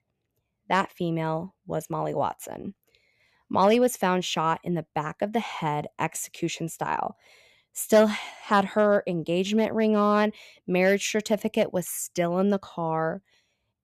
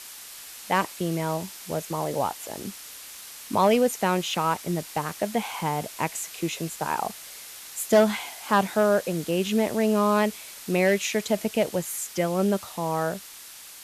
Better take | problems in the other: first | hiss; noticeable; throughout; 15 dB below the speech

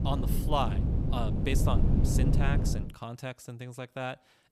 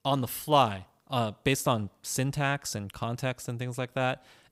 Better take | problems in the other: second | wind noise on the microphone; heavy; until 3 s; 3 dB below the speech

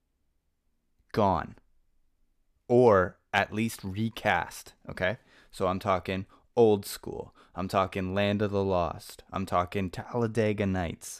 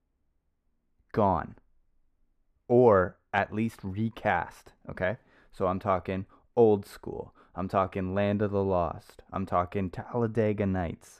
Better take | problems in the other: first | muffled; slightly; fading above 2.5 kHz

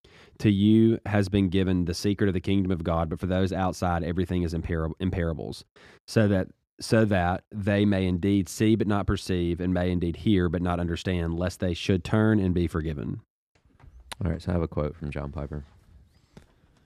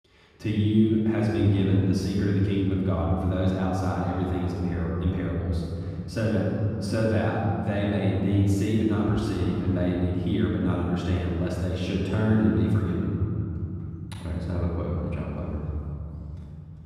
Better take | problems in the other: first | off-mic speech; far // room echo; strong; dies away in 3 s

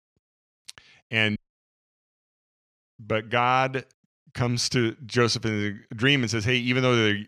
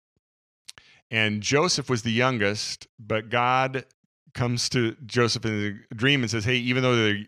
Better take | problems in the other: second | audio cutting out; at 1.5 s for 1.5 s

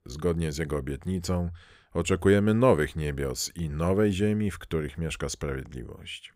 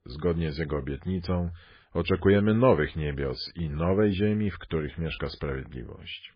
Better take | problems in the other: first | garbled, watery; badly; nothing above 4.5 kHz

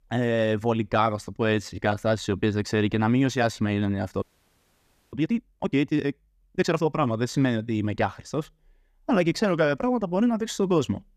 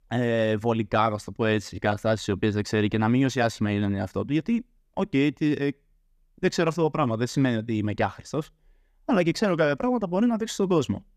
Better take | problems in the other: second | audio freezing; at 4 s for 1 s

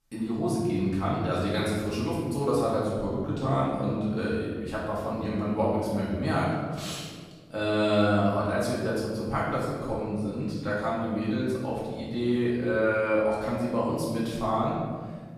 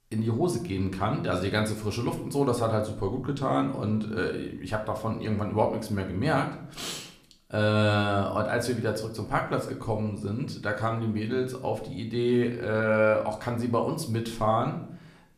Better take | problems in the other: second | room echo; strong; dies away in 1.4 s; slight in the second // off-mic speech; far

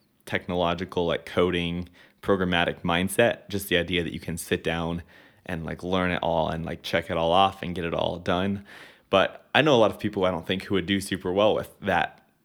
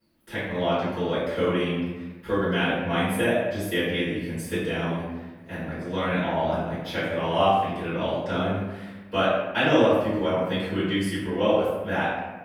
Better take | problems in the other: first | off-mic speech; far // room echo; strong; dies away in 1 s

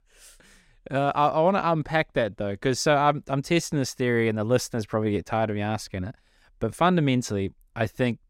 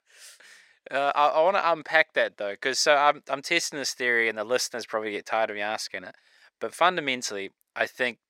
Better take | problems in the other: first | thin; very; fading below 500 Hz

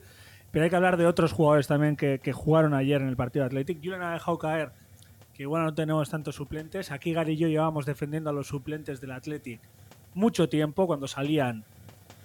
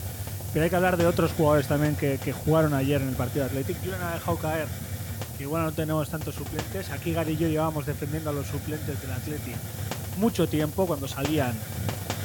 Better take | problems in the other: first | hiss; loud; throughout; 7 dB below the speech; faint in the first

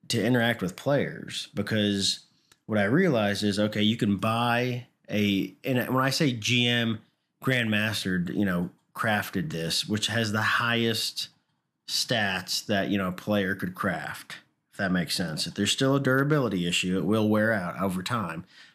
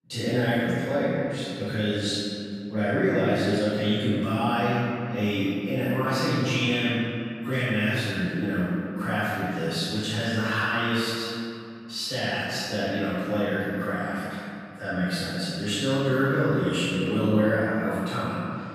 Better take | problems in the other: first | room echo; strong; dies away in 2.4 s // off-mic speech; far

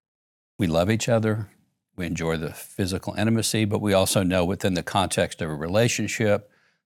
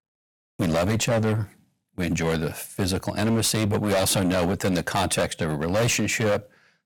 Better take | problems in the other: first | distortion; heavy; 15% of the sound clipped

